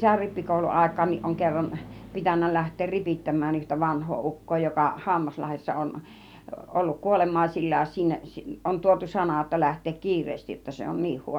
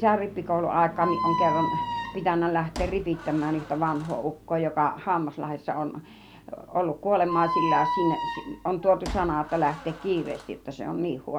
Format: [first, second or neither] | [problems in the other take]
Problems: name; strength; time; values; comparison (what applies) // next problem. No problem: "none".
first | background sound (Squeak); 5 dB below the speech